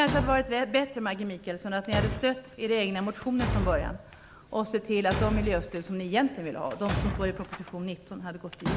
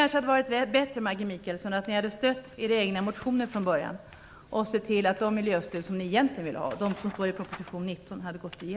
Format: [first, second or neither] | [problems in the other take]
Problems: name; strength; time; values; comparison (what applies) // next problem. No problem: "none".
second | background sound (Thump, thud); 5 dB below the speech